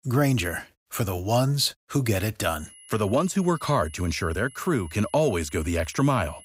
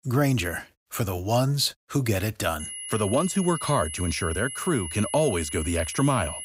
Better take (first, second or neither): first